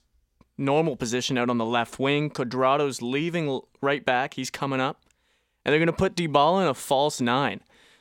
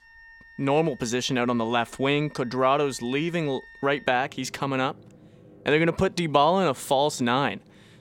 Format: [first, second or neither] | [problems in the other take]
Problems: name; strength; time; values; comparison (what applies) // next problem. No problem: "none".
first | background music; faint; throughout; 25 dB below the speech